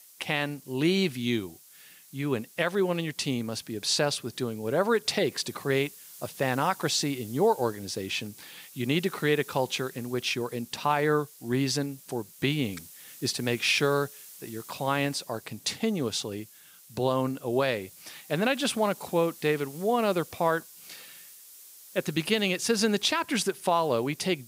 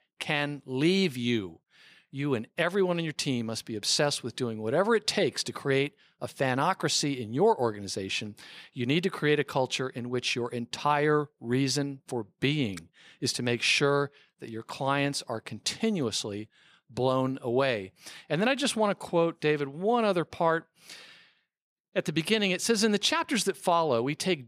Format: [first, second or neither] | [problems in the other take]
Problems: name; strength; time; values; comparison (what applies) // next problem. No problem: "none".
second | hiss; noticeable; throughout; 20 dB below the speech